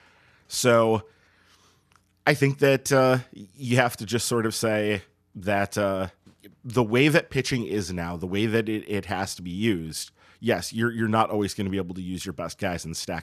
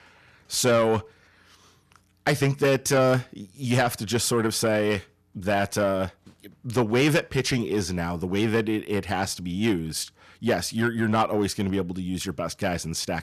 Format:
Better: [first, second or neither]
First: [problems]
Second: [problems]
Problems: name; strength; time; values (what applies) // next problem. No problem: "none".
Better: first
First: none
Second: distortion; slight; 10 dB below the speech